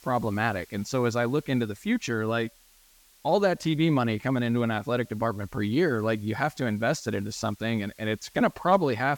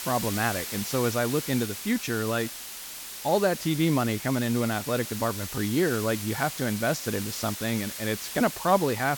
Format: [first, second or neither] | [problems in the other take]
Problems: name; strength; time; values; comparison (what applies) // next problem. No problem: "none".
first | hiss; loud; throughout; 7 dB below the speech; faint in the first